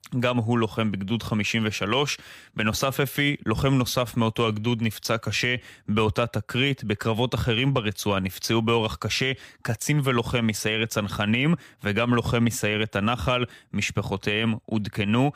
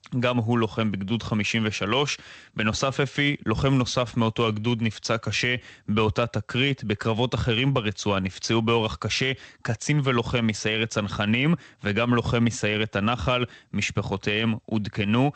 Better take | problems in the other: first | garbled, watery; slightly; nothing above 7.5 kHz

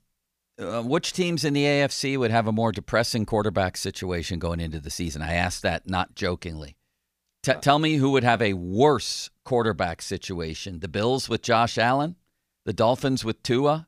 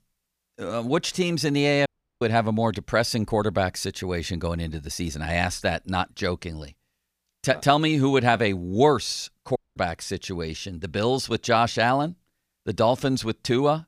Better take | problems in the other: first | audio cutting out; at 2 s and at 9.5 s

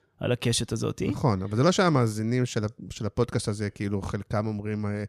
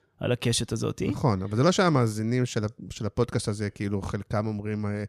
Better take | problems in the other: neither | none

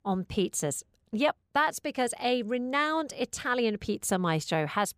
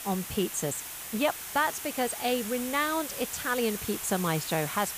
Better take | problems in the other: first | hiss; loud; throughout; 6 dB below the speech

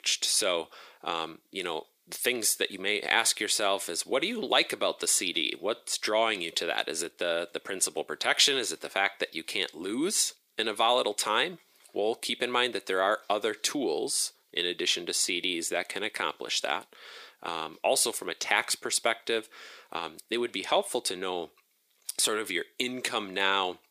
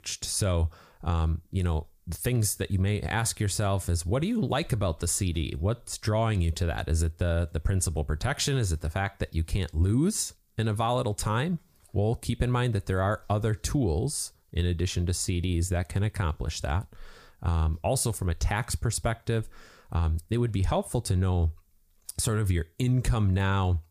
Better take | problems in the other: second | thin; very; fading below 300 Hz

